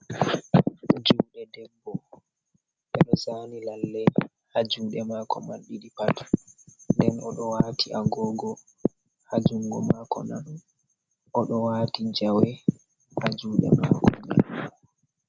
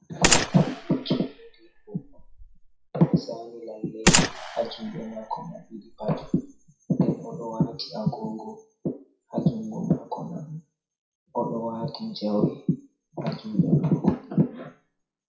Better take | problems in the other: first | noise reduction (classical method WPE with log-MMSE)

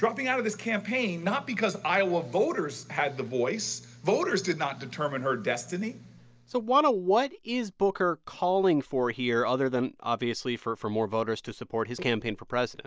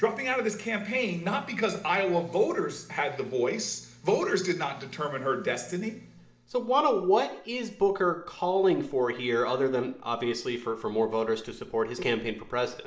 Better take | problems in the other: first | room echo; dies away in 0.6 s

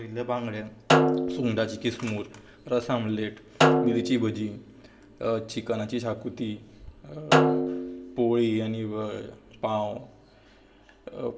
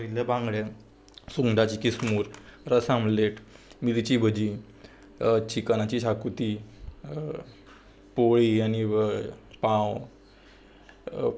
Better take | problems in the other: second | background sound (Snare drum); 3 dB above the speech // room echo; dies away in 1.1 s

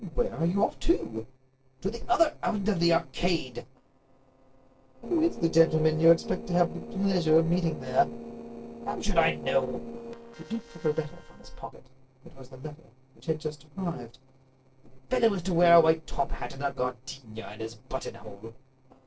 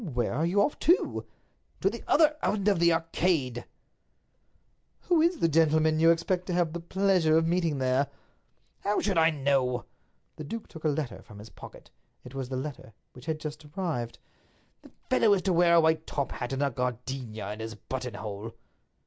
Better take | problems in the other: second | noise reduction (neural separator model SepFormer DNS4)

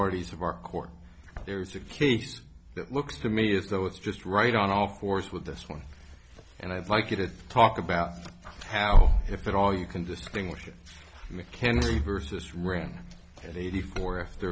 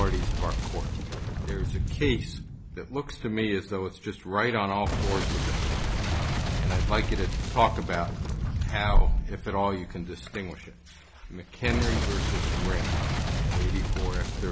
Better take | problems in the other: first | background sound (Boom); as loud as the speech

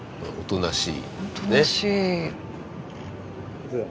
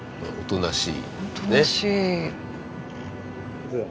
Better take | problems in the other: first | background sound (Bowed string instrument); 16 dB below the speech

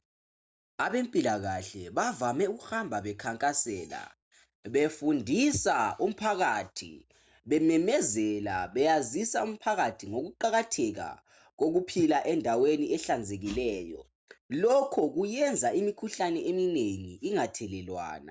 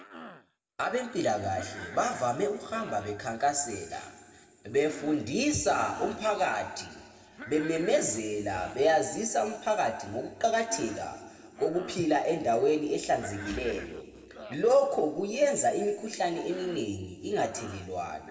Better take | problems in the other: first | background sound (Cough); 19 dB below the speech // room echo; dies away in 1.7 s

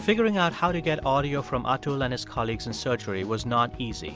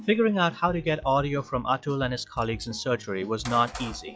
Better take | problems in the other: first | noise reduction (classical method log-MMSE)

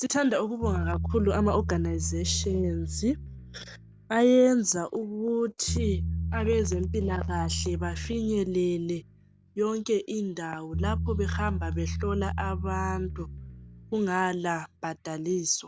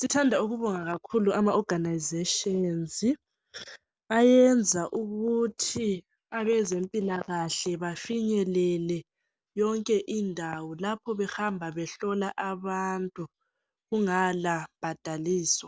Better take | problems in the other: second | background sound (Bass guitar); 5 dB below the speech

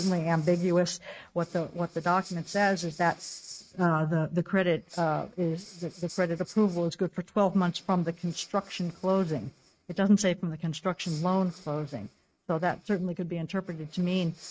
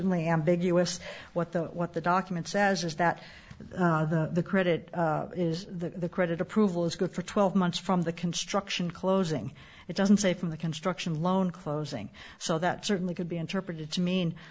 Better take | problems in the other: second | noise reduction (neural mask model RNNoise)

